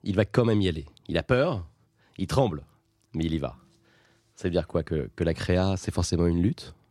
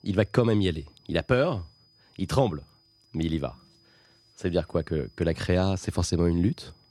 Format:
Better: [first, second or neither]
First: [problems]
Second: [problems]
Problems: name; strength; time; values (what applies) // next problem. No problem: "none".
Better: first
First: none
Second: high-pitched whine; faint; throughout; 5 kHz, 30 dB below the speech